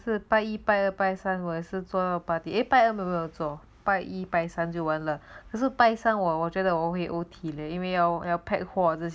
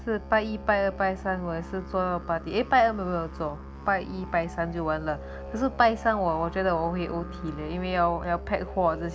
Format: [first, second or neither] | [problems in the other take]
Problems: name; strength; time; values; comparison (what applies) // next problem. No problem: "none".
first | background sound (Musical instrument); 12 dB below the speech